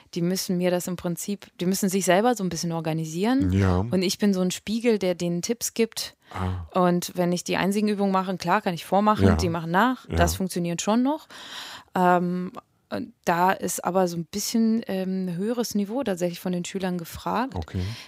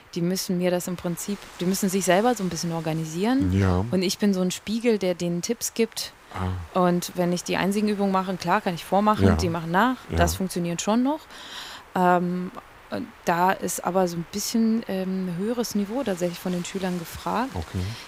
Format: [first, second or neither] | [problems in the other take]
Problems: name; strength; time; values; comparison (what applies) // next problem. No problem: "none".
first | wind noise on the microphone; occasional gusts; 20 dB below the speech